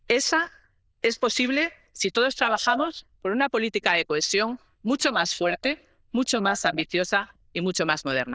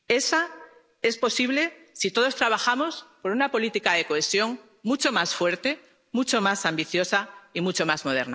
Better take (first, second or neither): second